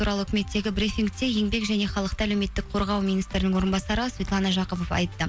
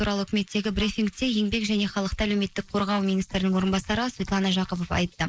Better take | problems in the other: first | noise reduction (neural mask model Resemble Enhance denoiser)

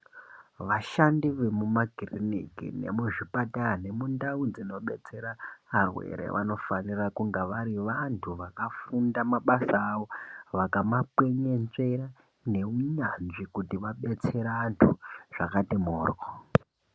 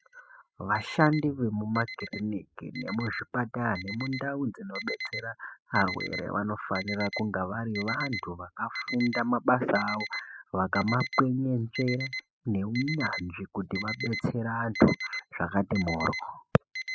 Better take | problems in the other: first | noise reduction (classical method spectral subtraction)

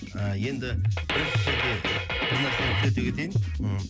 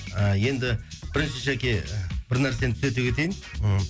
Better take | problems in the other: second | background sound (Drum kit); 3 dB above the speech

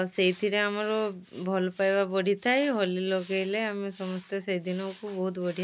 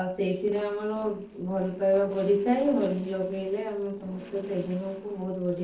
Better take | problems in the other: first | noise reduction (neural separator model SepFormer DNS4)

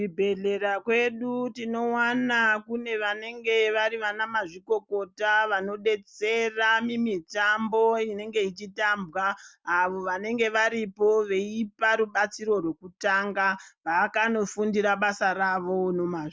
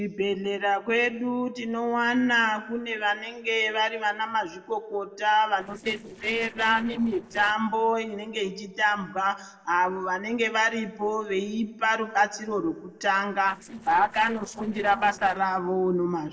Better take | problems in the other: first | noise reduction (neural separator model SepFormer DNS4)

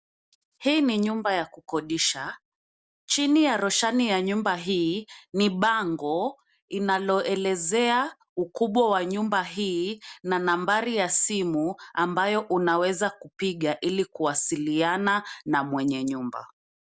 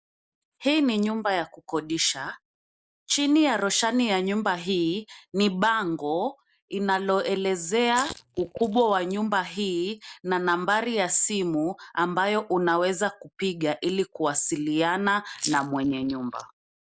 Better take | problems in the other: first | noise reduction (neural mask model Resemble Enhance denoiser)

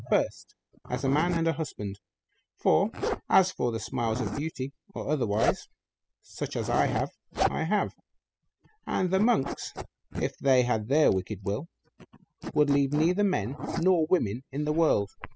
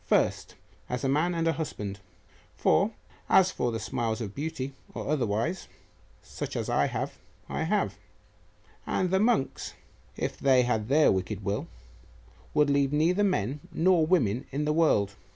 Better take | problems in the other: second | noise reduction (classical method spectral subtraction)

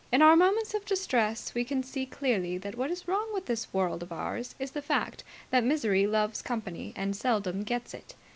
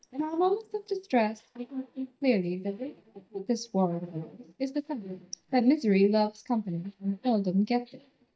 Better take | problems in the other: first | noise reduction (neural mask model DeepFilterNet 3)

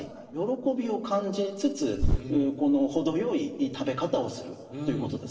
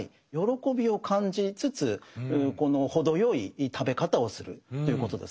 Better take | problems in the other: second | noise reduction (neural separator model SepFormer DNS4)

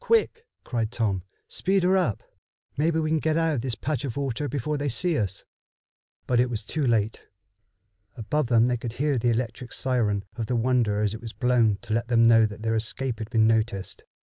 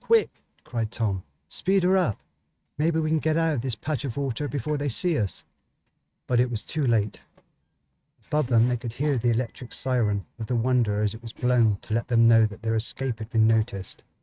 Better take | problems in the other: first | noise reduction (neural mask model RNNoise)

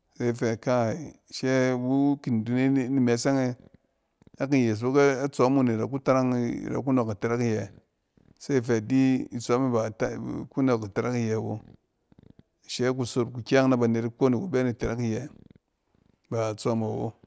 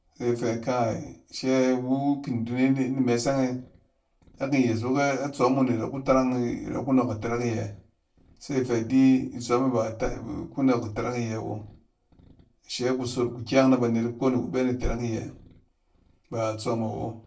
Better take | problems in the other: first | room echo; dies away in 0.2 s

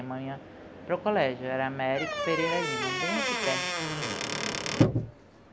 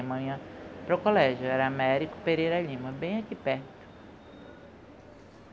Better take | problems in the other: second | background sound (Squeak / Wood); 3 dB above the speech

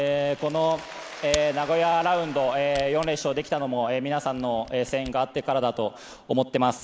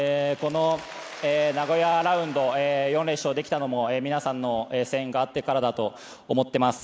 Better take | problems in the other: second | background sound (Camera); 20 dB below the speech

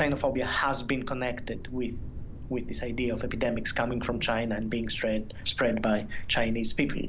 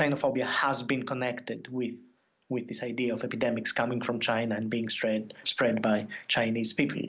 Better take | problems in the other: second | background sound (Thunder); 6 dB below the speech

